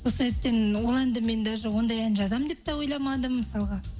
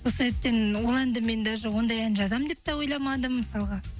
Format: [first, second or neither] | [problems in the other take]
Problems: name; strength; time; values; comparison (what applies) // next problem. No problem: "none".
second | room echo; dies away in 0.7 s